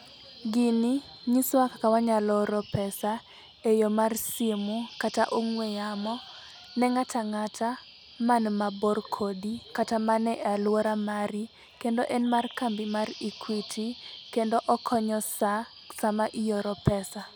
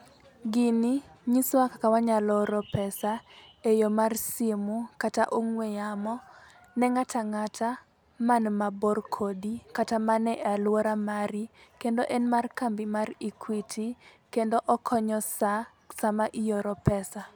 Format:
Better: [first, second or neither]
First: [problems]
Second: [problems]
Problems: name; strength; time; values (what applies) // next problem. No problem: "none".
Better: second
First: background sound (Bird vocalization, bird call, bird song); 20 dB below the speech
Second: none